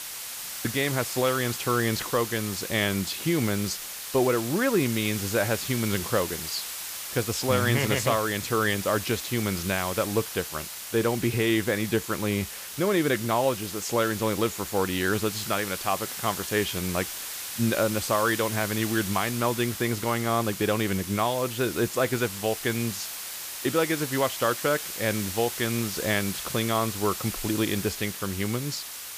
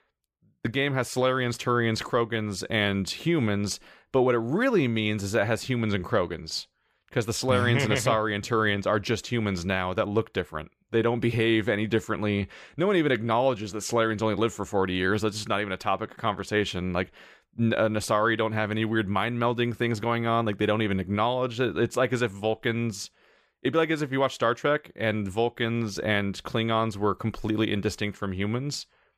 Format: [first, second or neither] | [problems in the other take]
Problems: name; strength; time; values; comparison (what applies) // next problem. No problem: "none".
second | hiss; loud; throughout; 6 dB below the speech